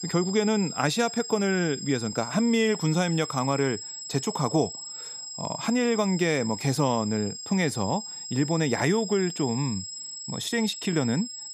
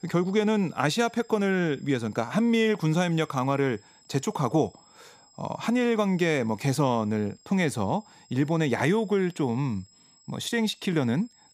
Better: second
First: high-pitched whine; loud; throughout; 5 kHz, 9 dB below the speech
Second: high-pitched whine; faint; throughout; 5 kHz, 30 dB below the speech

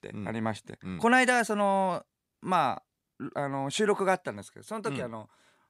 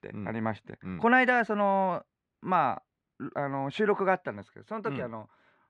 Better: first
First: none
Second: muffled; very; fading above 2 kHz

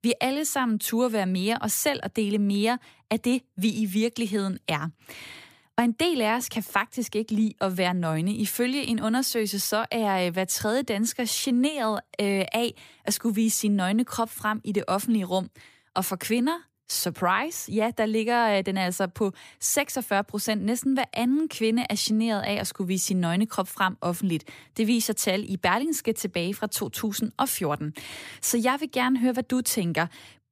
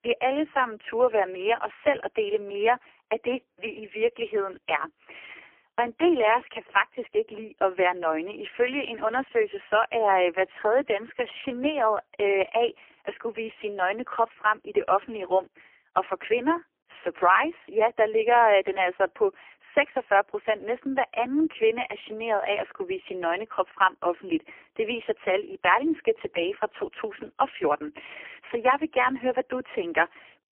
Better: first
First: none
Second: phone-call audio; poor line; nothing above 3 kHz

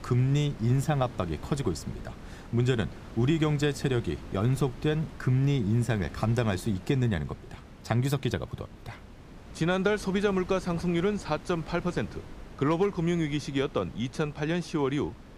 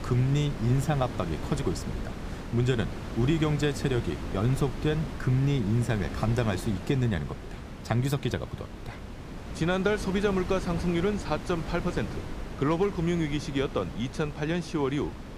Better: first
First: wind noise on the microphone; occasional gusts; 20 dB below the speech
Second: wind noise on the microphone; heavy; 10 dB below the speech

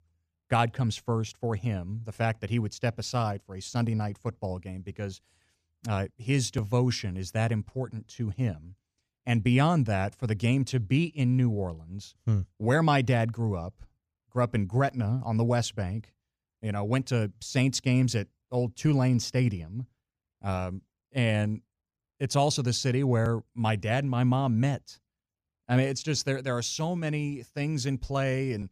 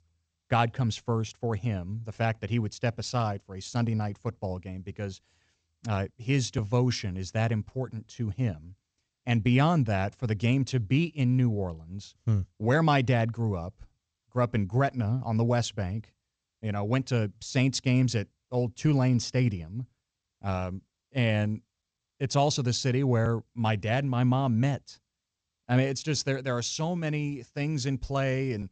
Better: first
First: none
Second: garbled, watery; slightly; nothing above 7.5 kHz

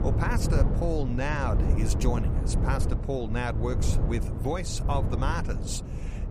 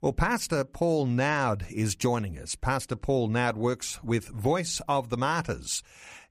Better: second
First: wind noise on the microphone; heavy; 6 dB below the speech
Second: none

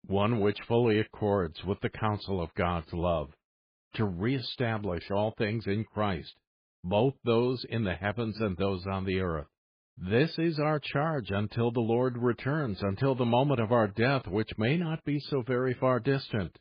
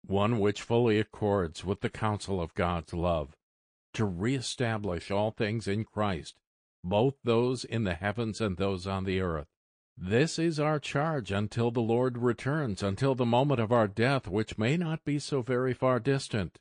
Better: second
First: garbled, watery; badly; nothing above 4.5 kHz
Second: garbled, watery; slightly; nothing above 9.5 kHz

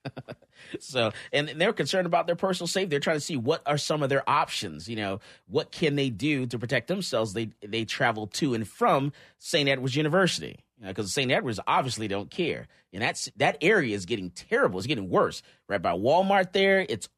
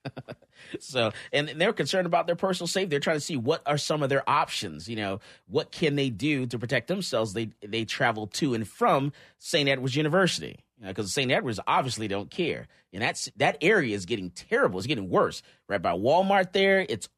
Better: neither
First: none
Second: none

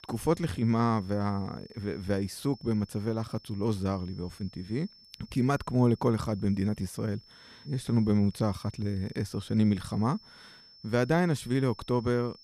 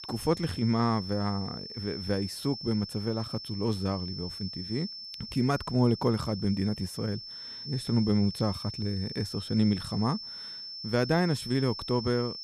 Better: first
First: high-pitched whine; faint; throughout; 5.5 kHz, 25 dB below the speech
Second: high-pitched whine; loud; throughout; 5.5 kHz, 9 dB below the speech

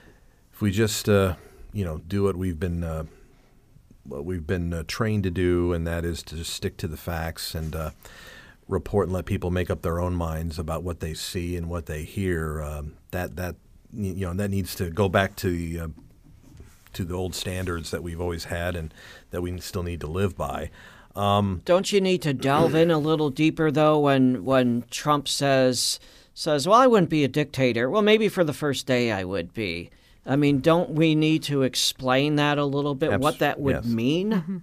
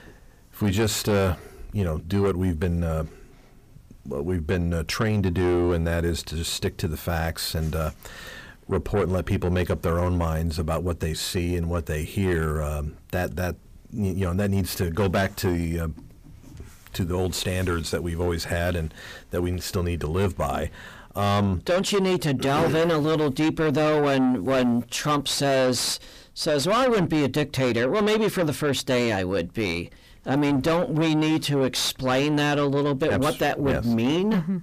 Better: first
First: none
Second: distortion; heavy; 7 dB below the speech

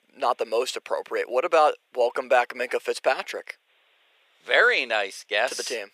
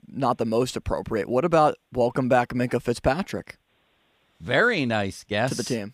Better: second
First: thin; very; fading below 450 Hz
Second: none

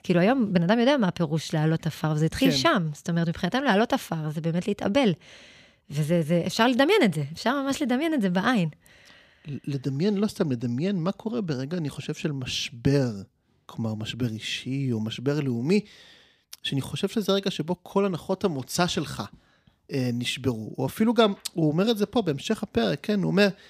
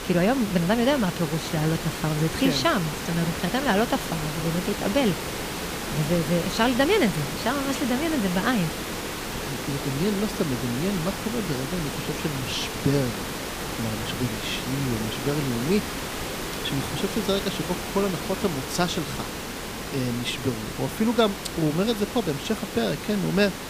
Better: first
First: none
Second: hiss; loud; throughout; 5 dB below the speech

